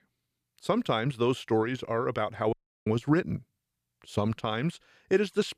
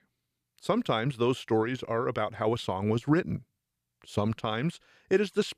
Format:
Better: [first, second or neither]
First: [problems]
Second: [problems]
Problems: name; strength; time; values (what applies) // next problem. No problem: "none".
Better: second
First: audio cutting out; at 2.5 s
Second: none